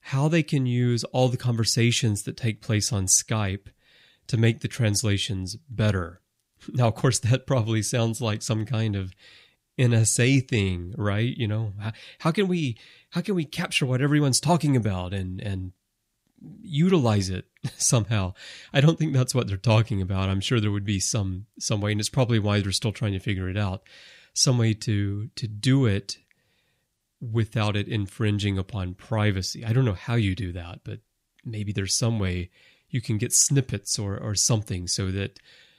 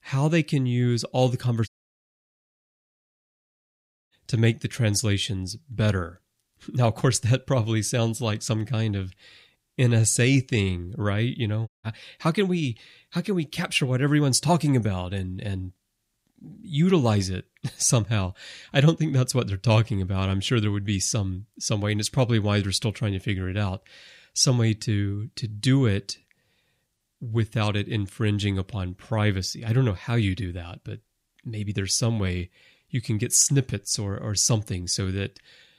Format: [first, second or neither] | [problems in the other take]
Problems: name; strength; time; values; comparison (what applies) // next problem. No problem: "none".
first | audio cutting out; at 1.5 s for 2.5 s and at 12 s